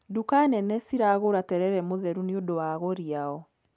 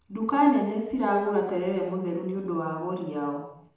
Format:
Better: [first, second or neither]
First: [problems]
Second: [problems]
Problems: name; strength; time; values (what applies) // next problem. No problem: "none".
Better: first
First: none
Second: room echo; dies away in 0.7 s